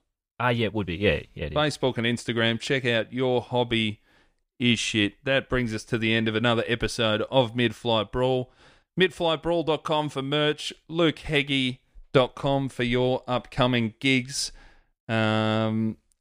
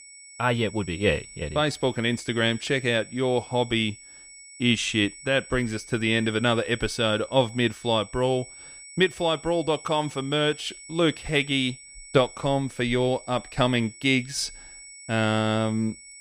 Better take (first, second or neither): first